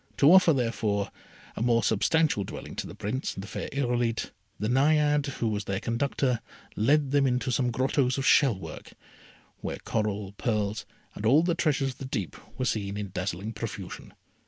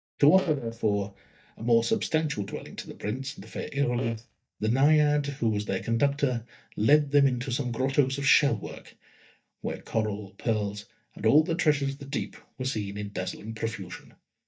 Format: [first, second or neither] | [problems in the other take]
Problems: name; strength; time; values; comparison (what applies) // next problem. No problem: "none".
first | noise reduction (neural mask model DeepFilterNet 3)